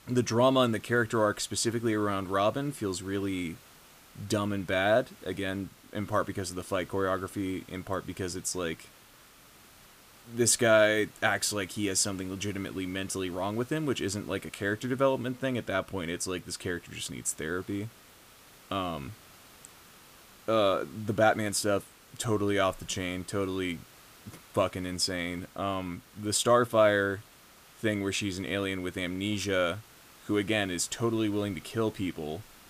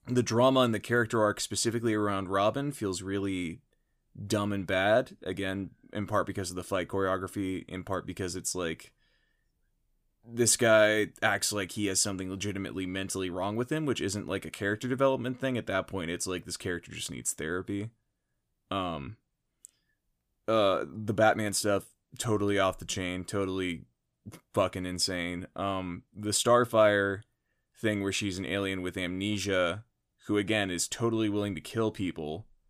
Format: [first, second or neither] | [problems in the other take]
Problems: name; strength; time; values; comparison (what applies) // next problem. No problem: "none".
second | hiss; faint; throughout; 25 dB below the speech